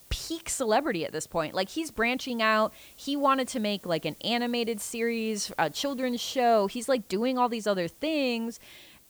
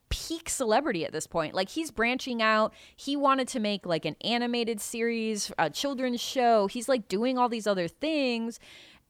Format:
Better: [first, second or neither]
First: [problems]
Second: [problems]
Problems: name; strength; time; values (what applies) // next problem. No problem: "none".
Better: second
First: hiss; faint; throughout; 25 dB below the speech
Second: none